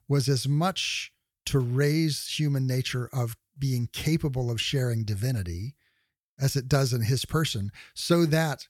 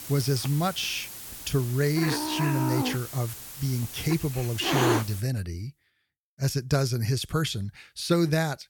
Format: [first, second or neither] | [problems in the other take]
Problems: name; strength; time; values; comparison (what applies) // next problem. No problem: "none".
first | hiss; loud; until 5 s; 4 dB below the speech